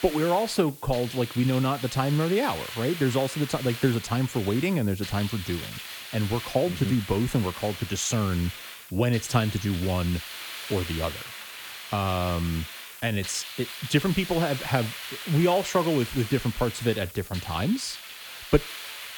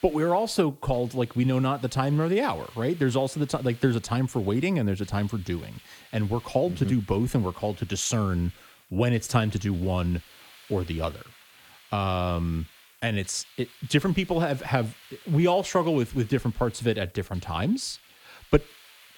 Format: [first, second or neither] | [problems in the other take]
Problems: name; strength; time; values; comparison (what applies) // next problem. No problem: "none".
second | hiss; loud; throughout; 10 dB below the speech; faint in the second